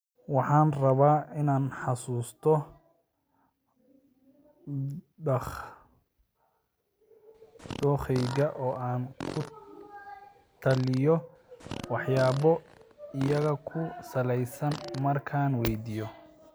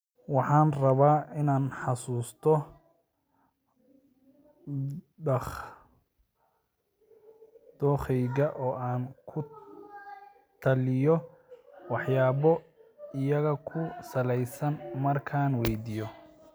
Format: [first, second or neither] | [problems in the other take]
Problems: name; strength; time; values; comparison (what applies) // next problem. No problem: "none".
second | background sound (Fart); 14 dB below the speech